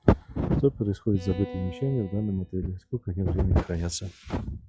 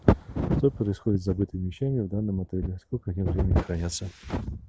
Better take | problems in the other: second | noise reduction (classical method log-MMSE)

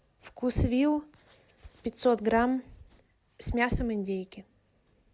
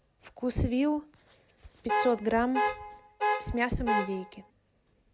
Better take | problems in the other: first | background sound (Alarm / Car); as loud as the speech

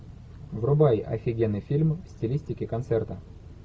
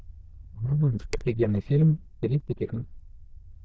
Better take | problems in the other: first | noise reduction (neural diffusion model UNIVERSE++)

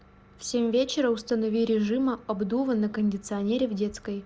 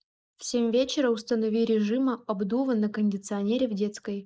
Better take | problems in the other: first | noise reduction (neural mask model Resemble Enhance denoiser)

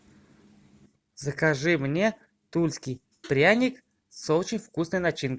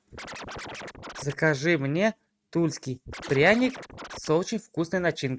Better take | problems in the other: first | noise reduction (neural mask model RNNoise)

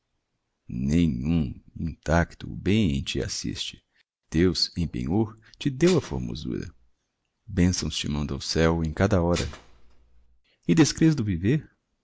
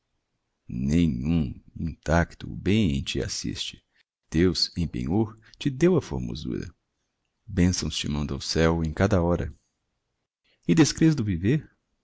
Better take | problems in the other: second | background sound (Dishes, pots, and pans); 16 dB below the speech

